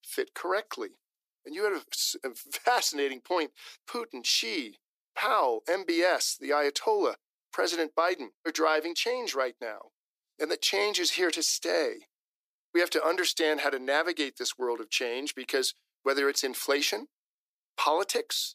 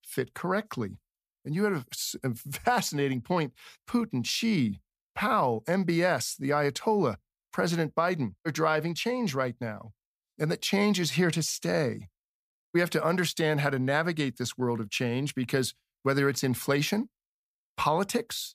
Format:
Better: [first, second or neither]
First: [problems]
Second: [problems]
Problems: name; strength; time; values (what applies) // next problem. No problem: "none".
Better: second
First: thin; very; fading below 300 Hz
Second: none